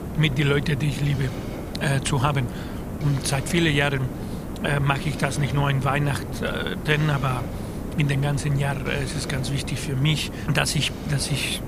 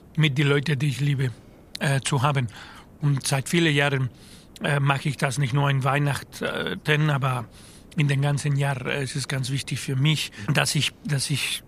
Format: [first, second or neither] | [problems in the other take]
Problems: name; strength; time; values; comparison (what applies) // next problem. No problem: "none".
second | hiss; loud; throughout; 8 dB below the speech; faint in the second